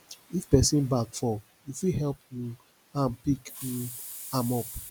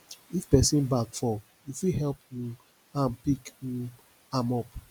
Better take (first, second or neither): second